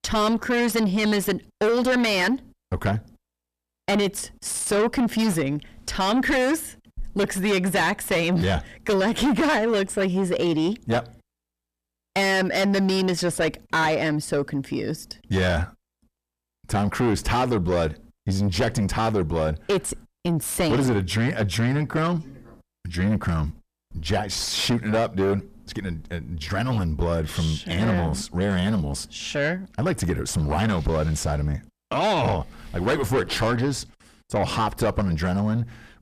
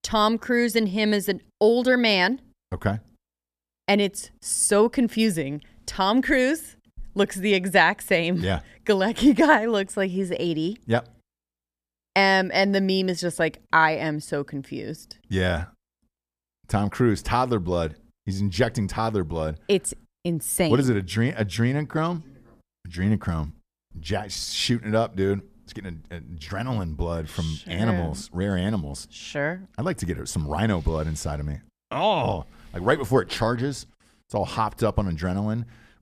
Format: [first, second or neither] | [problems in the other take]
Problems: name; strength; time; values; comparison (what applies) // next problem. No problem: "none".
second | distortion; heavy; 5 dB below the speech